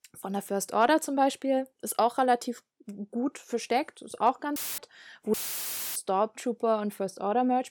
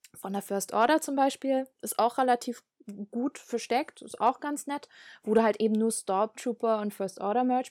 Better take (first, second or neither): second